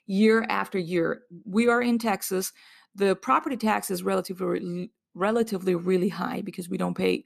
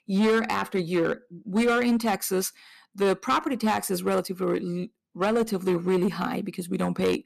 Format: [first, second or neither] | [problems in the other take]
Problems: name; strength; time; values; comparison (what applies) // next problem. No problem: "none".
first | distortion; slight; 7% of the sound clipped